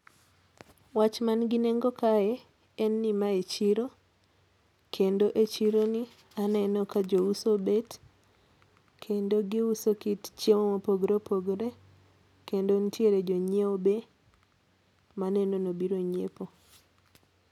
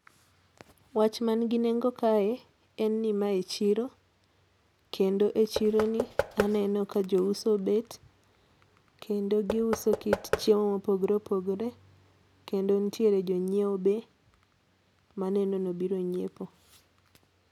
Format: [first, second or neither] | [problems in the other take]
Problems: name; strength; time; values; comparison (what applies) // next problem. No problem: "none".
first | background sound (Knock / Wood); 7 dB below the speech